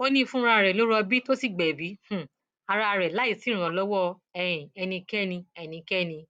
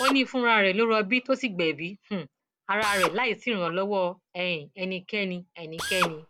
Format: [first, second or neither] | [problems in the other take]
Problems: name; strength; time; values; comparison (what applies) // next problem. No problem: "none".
first | background sound (Drill); 10 dB below the speech